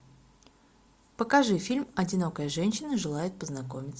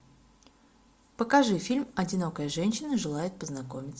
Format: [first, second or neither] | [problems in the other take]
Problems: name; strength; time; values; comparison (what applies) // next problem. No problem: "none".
first | room echo; dies away in 0.4 s